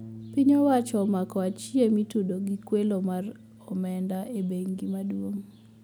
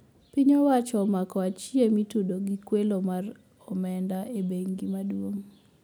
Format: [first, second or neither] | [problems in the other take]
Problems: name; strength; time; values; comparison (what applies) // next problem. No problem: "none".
second | background sound (Bass guitar); 20 dB below the speech